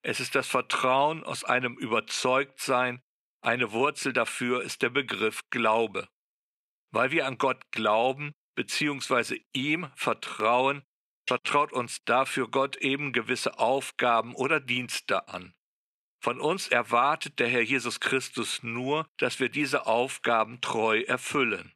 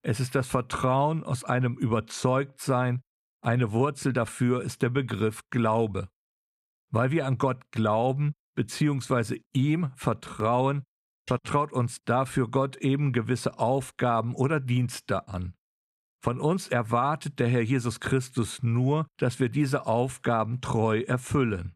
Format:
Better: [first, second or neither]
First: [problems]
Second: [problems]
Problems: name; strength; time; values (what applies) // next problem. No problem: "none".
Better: second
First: thin; somewhat; fading below 350 Hz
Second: none